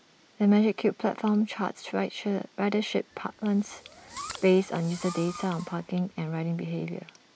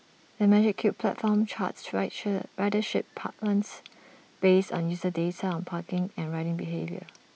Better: second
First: background sound (Fireworks); 16 dB below the speech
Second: none

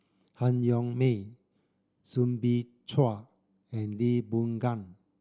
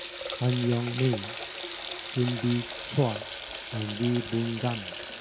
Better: first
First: none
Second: background sound (Water tap, faucet); 8 dB below the speech

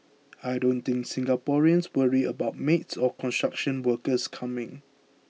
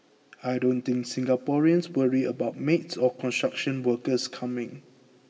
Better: first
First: none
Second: room echo; dies away in 1.9 s

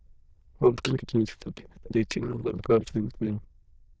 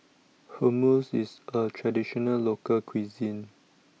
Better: second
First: noise reduction (neural diffusion model UNIVERSE++)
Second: none

